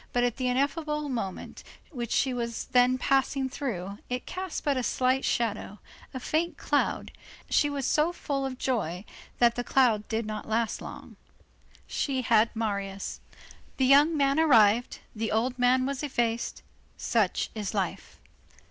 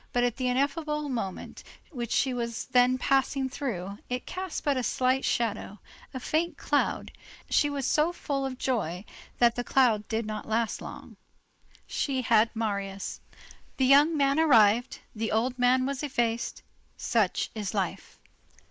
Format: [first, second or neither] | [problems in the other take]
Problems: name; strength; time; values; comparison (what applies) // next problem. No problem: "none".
first | noise reduction (neural mask model Resemble Enhance denoiser)